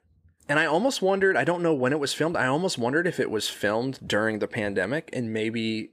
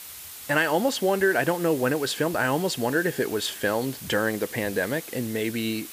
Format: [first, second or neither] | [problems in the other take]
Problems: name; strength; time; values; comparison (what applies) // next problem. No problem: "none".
first | hiss; noticeable; throughout; 15 dB below the speech